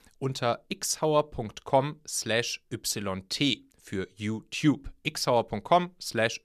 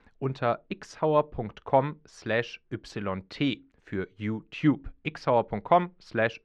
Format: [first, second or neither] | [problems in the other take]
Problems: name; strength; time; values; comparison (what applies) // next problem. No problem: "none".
first | muffled; very; fading above 2 kHz